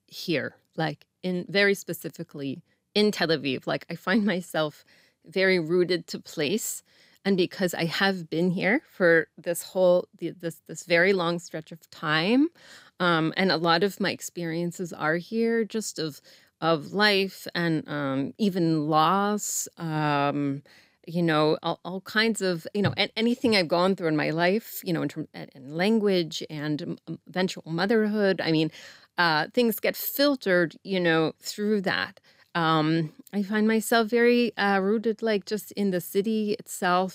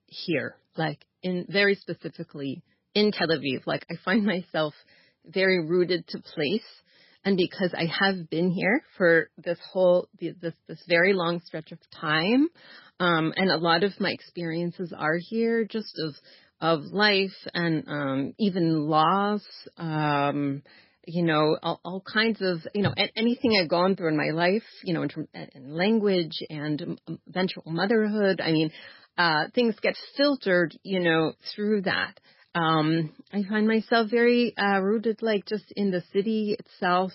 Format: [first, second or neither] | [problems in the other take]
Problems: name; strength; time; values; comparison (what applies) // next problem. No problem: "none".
first | garbled, watery; badly; nothing above 4.5 kHz